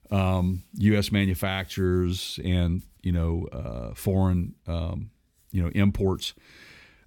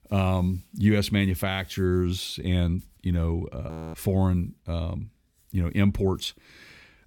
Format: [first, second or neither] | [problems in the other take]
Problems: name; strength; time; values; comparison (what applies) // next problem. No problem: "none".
first | audio freezing; at 3.5 s